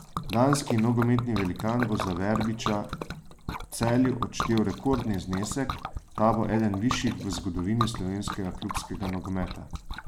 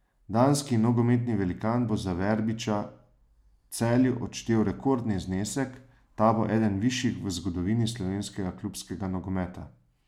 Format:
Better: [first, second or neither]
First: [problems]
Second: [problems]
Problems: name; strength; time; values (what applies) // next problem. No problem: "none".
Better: second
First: background sound (Liquid); 8 dB below the speech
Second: none